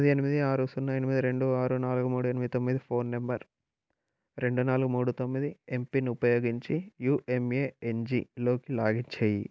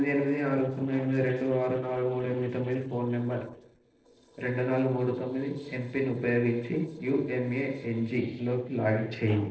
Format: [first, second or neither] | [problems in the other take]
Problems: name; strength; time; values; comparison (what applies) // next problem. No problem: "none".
first | noise reduction (neural separator model SepFormer DNS4)